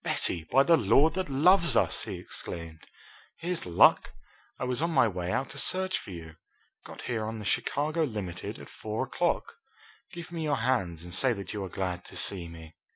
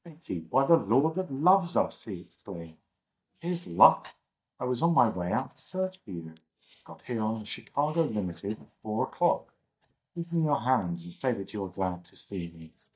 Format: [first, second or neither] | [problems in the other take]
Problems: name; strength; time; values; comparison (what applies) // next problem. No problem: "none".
first | noise reduction (neural mask model DeepFilterNet 3)